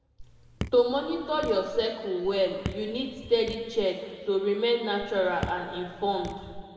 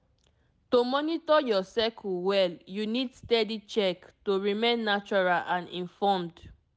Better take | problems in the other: second | background sound (Raindrop / Drip); 12 dB below the speech // room echo; dies away in 2 s

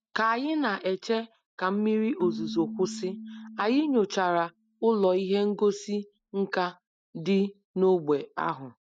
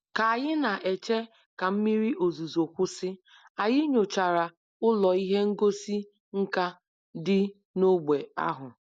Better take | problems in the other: second | noise reduction (neural mask model RNNoise)

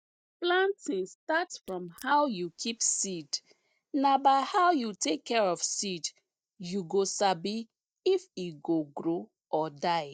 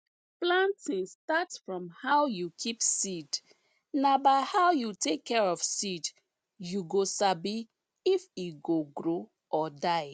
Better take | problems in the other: second | noise reduction (neural mask model DeepFilterNet 3)

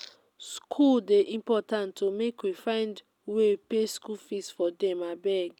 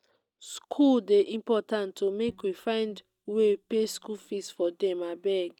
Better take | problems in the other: first | noise reduction (neural mask model DeepFilterNet 3)

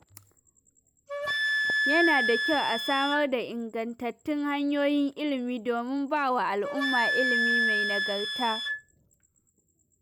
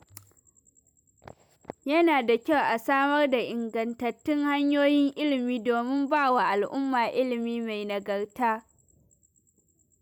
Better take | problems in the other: second | background sound (Wind instrument, woodwind instrument); as loud as the speech

